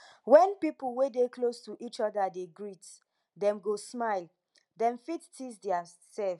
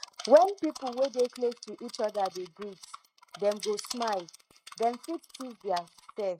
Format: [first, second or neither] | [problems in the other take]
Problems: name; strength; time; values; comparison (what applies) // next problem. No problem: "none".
first | noise reduction (neural mask model RNNoise)